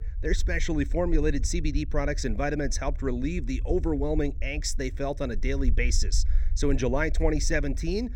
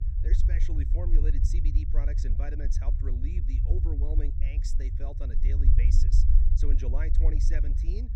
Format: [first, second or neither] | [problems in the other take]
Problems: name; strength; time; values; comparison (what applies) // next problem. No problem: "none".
first | low rumble; loud; throughout; 2 dB below the speech; faint in the first